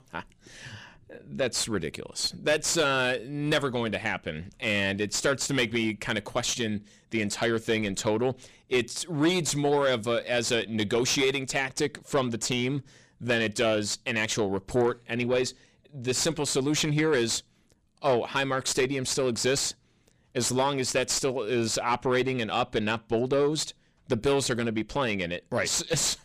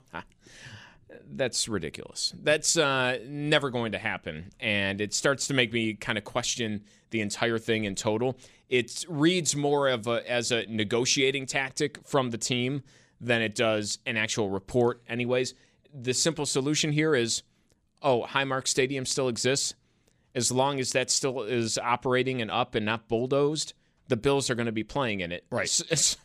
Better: second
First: distortion; slight; 10 dB below the speech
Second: none

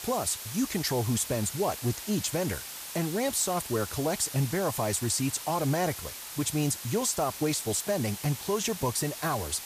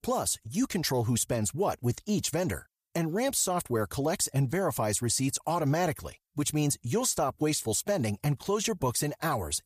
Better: second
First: hiss; loud; throughout; 8 dB below the speech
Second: none

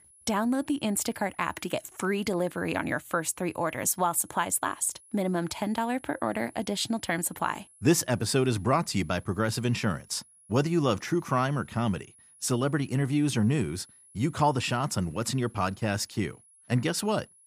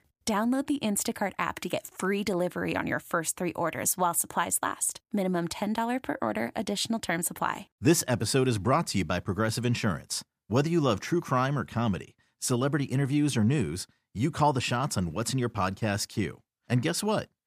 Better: second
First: high-pitched whine; faint; throughout; 10.5 kHz, 25 dB below the speech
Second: none

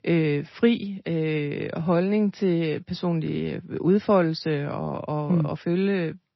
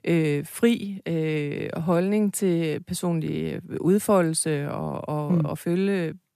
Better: second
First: garbled, watery; slightly; nothing above 5 kHz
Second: none

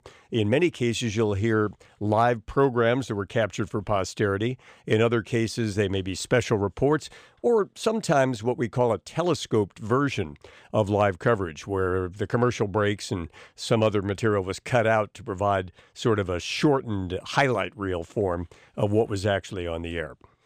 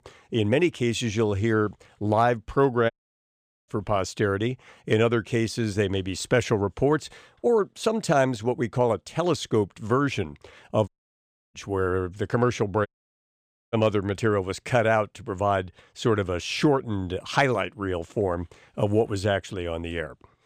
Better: first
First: none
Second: audio cutting out; at 3 s for 1 s, at 11 s for 0.5 s and at 13 s for 1 s

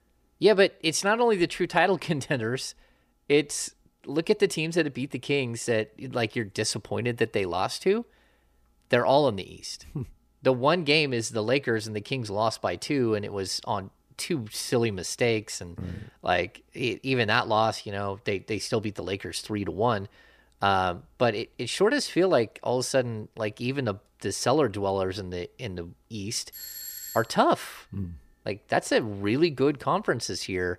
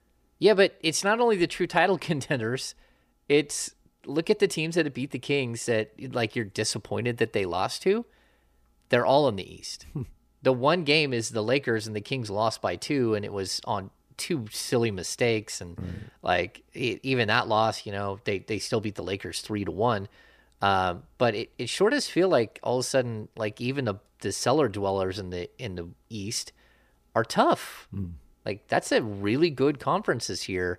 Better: second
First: doorbell; noticeable; at 27 s; peak 9 dB below the speech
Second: none

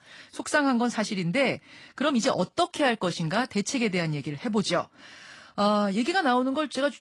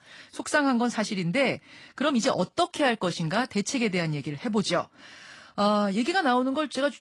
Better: neither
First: garbled, watery; slightly; nothing above 10 kHz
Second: garbled, watery; slightly; nothing above 10 kHz

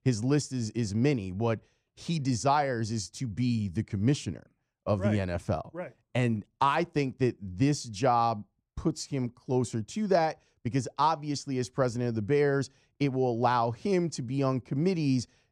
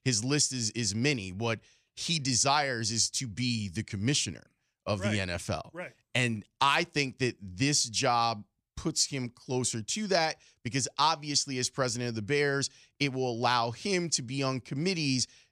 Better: second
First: muffled; slightly; fading above 1.5 kHz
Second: none

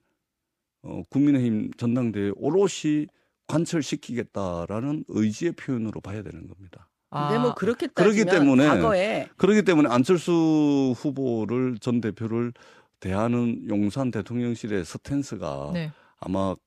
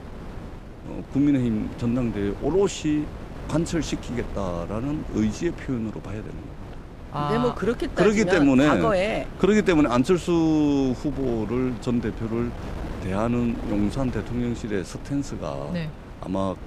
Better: first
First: none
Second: wind noise on the microphone; occasional gusts; 15 dB below the speech

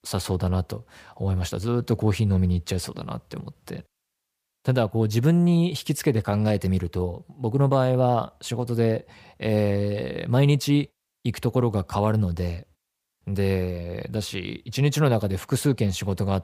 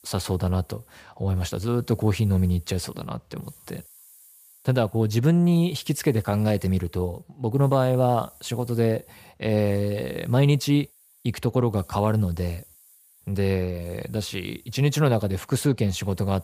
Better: first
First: none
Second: hiss; faint; throughout; 25 dB below the speech

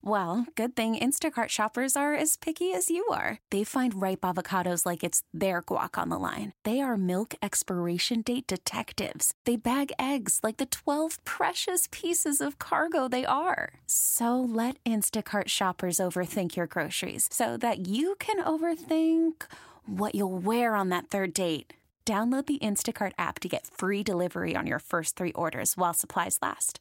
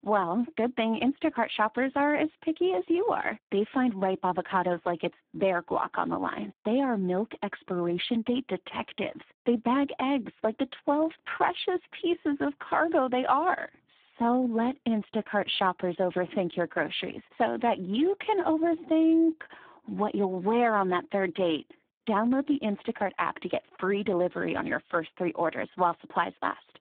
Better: first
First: none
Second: phone-call audio; poor line; nothing above 3.5 kHz

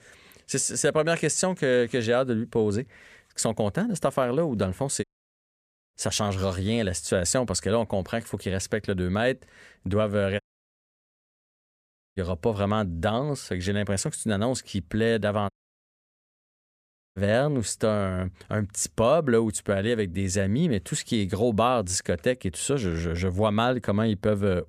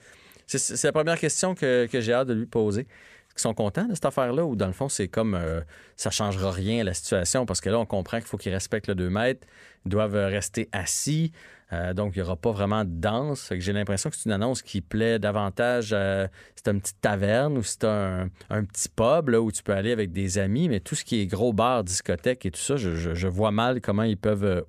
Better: second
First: audio cutting out; at 5 s for 1 s, at 10 s for 2 s and at 16 s for 1.5 s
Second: none

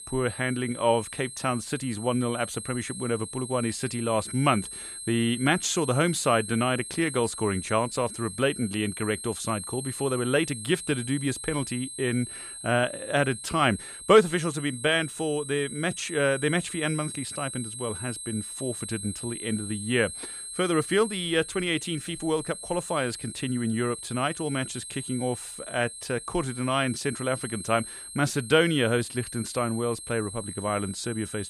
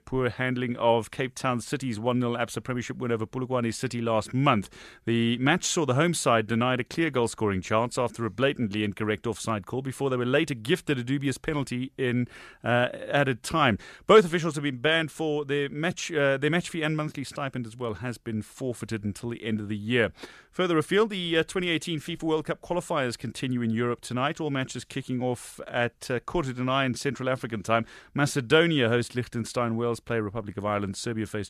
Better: second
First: high-pitched whine; loud; throughout; 8.5 kHz, 9 dB below the speech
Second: none

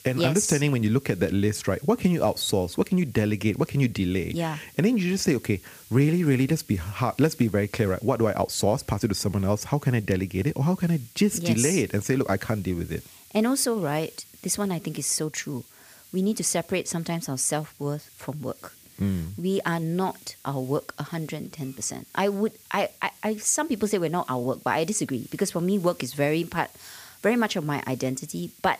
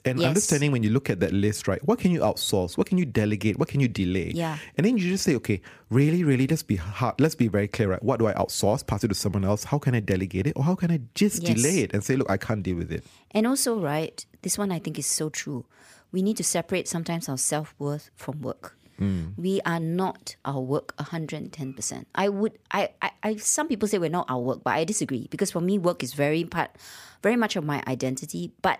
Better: second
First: hiss; faint; throughout; 25 dB below the speech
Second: none

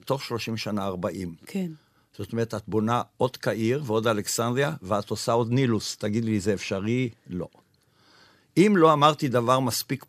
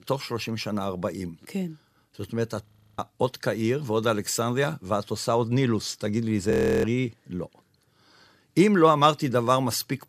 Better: first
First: none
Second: audio freezing; at 2.5 s and at 6.5 s

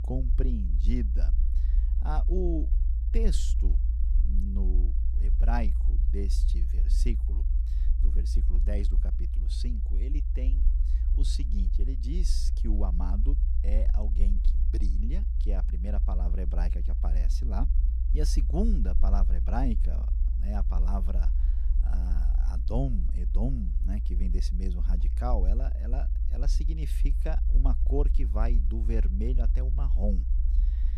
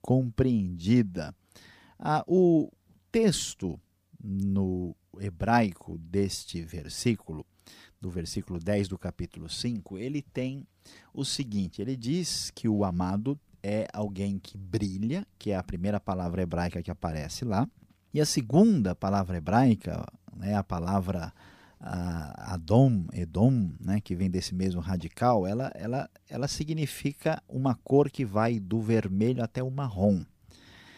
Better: second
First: low rumble; loud; throughout; 9 dB below the speech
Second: none

